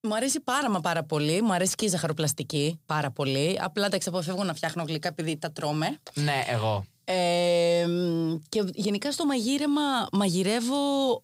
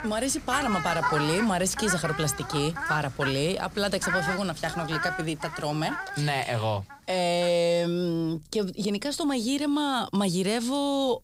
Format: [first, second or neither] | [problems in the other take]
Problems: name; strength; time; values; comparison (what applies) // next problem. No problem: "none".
first | animal sounds; loud; throughout; 5 dB below the speech